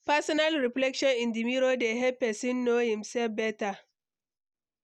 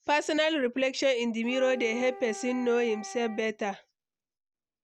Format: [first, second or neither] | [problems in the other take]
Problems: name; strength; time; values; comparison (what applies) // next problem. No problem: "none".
first | background sound (Wind instrument, woodwind instrument); 16 dB below the speech